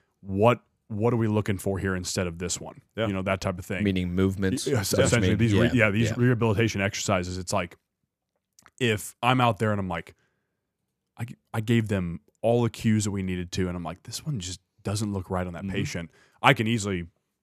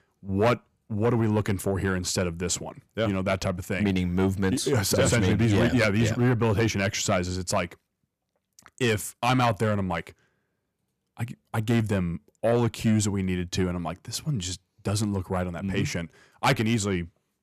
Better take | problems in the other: first | distortion; slight; 10 dB below the speech

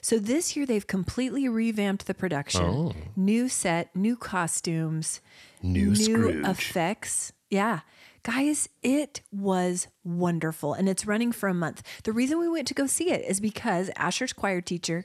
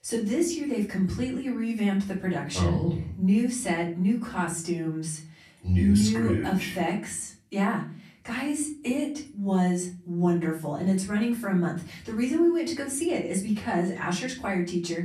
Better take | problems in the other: first | room echo; slight; dies away in 0.4 s // off-mic speech; far

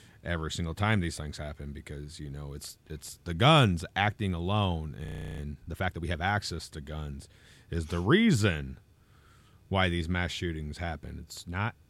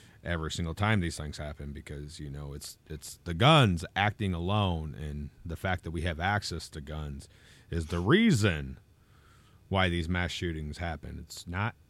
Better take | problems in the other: second | audio freezing; at 5 s

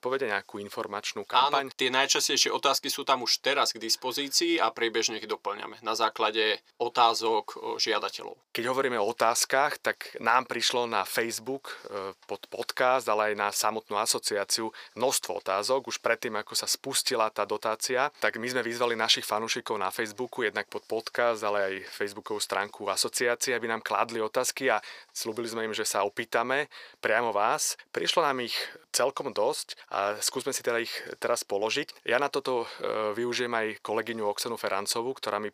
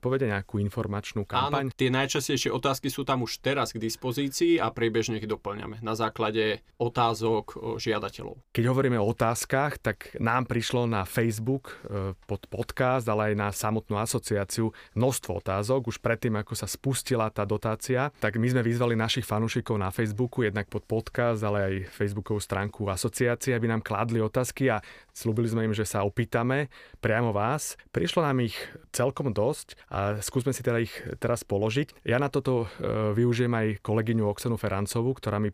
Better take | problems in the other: second | thin; very; fading below 500 Hz

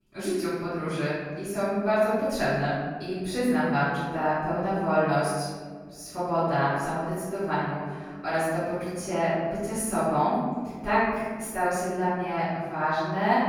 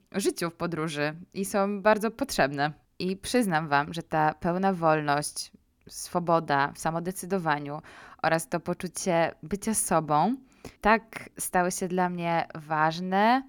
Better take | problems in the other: second | off-mic speech; far // room echo; strong; dies away in 1.6 s

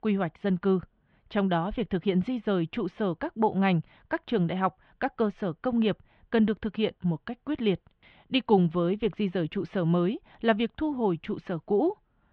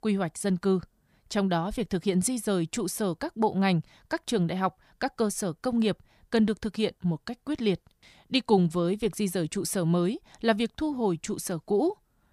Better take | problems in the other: second | muffled; very; fading above 3 kHz

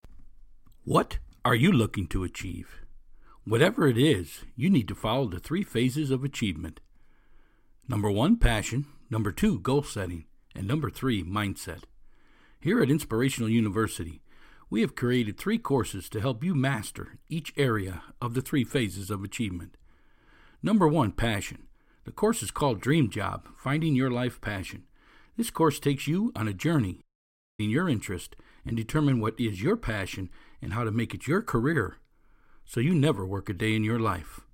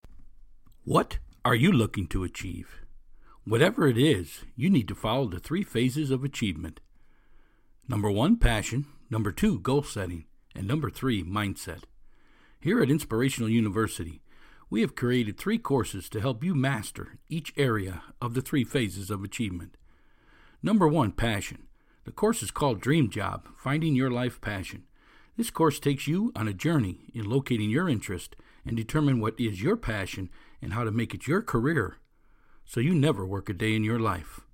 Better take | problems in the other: second | audio cutting out; at 27 s for 0.5 s

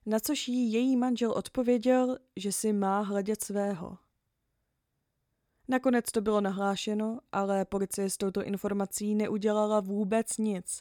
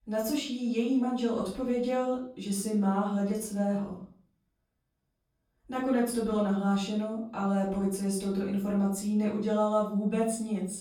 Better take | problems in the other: first | off-mic speech; far // room echo; noticeable; dies away in 0.4 s

